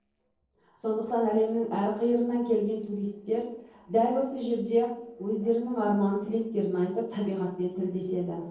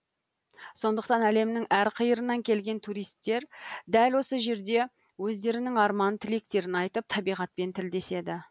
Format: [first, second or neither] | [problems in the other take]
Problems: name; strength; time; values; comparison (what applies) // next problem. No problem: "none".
second | noise reduction (neural separator model SepFormer DNS4)